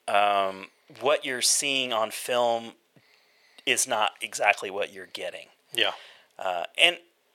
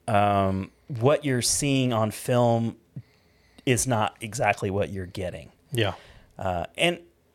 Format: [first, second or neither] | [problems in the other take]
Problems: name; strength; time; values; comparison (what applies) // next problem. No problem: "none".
second | thin; very; fading below 550 Hz